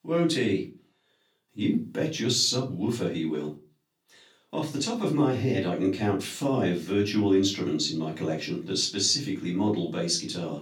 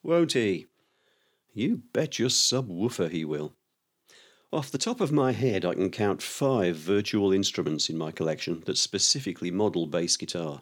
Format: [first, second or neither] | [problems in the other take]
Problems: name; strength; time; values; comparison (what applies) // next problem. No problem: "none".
second | off-mic speech; far // room echo; very slight; dies away in 0.3 s